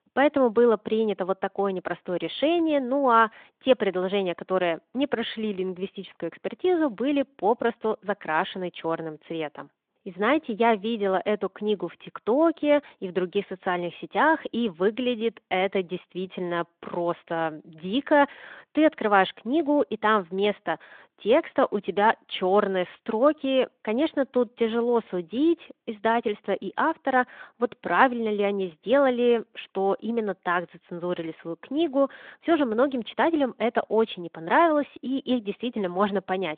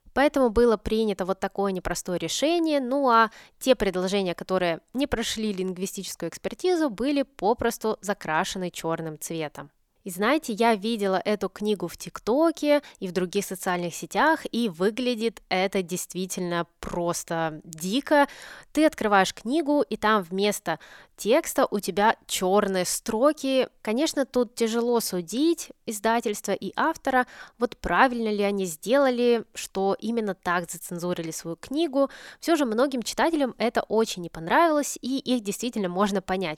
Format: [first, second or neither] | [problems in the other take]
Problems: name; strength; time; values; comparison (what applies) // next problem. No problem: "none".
second | phone-call audio